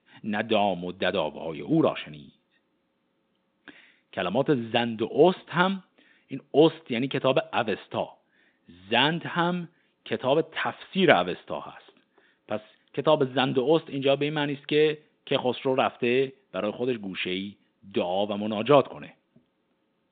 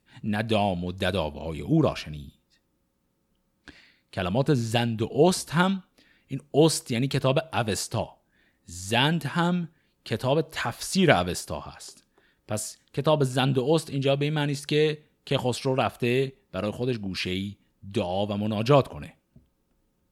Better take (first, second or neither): second